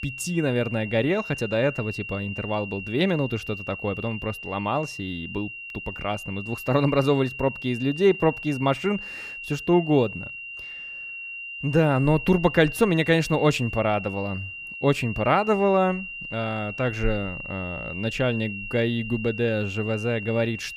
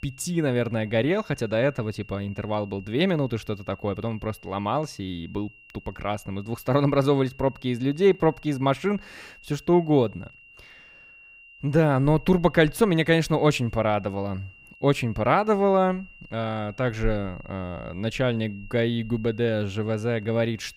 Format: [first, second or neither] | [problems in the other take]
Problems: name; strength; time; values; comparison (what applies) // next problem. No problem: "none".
second | high-pitched whine; loud; throughout; 3 kHz, 9 dB below the speech; faint in the second